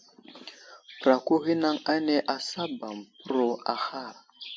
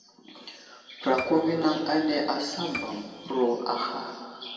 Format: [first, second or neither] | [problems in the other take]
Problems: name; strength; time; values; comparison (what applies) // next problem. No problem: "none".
first | background sound (Piano); 15 dB below the speech // room echo; dies away in 2.3 s